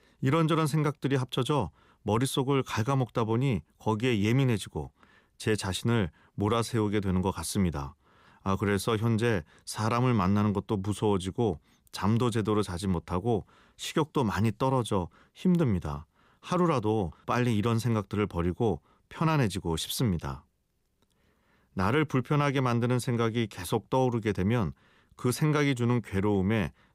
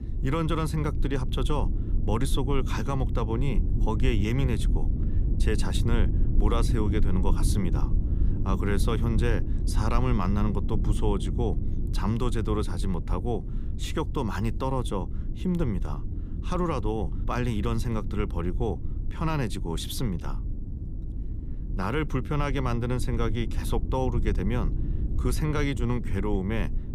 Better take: first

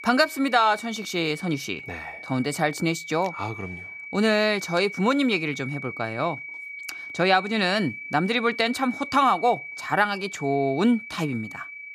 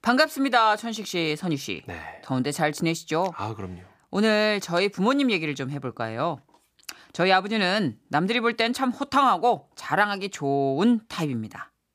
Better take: second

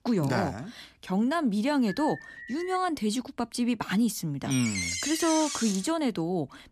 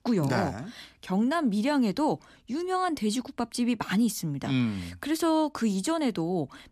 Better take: second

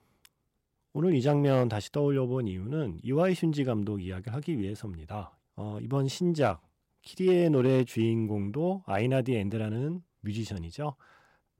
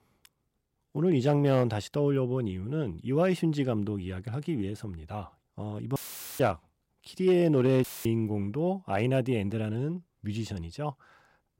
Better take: first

